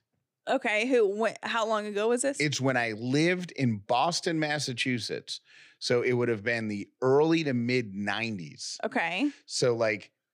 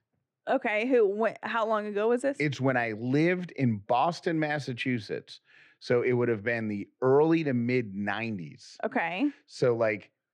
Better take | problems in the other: first | muffled; slightly; fading above 3.5 kHz

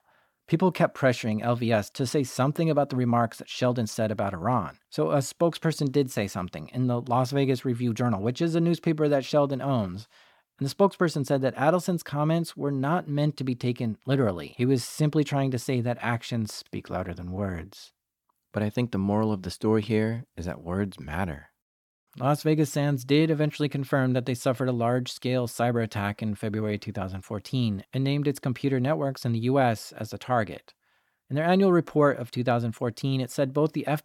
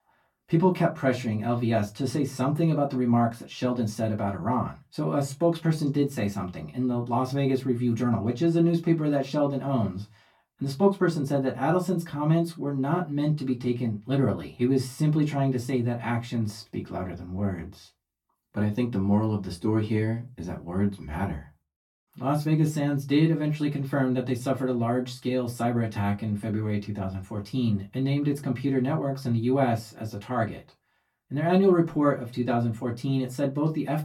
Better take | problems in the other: first | off-mic speech; far // room echo; very slight; dies away in 0.2 s

